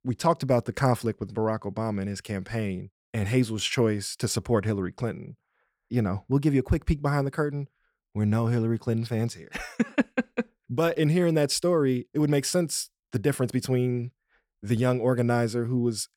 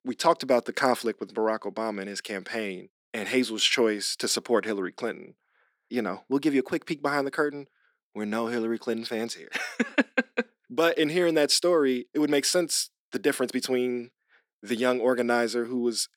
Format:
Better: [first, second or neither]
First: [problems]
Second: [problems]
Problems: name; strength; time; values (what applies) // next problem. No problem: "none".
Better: first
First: none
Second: thin; very slightly; fading below 250 Hz